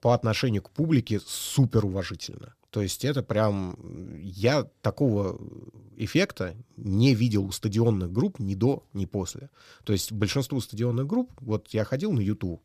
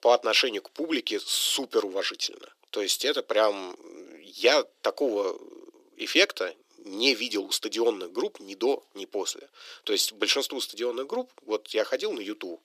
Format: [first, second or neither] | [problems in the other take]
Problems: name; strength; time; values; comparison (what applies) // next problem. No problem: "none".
first | thin; very; fading below 350 Hz